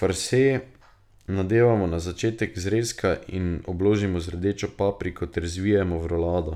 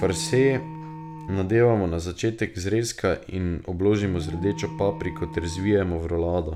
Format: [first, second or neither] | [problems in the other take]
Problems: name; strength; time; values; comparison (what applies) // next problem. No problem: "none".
first | background sound (Alarm); 14 dB below the speech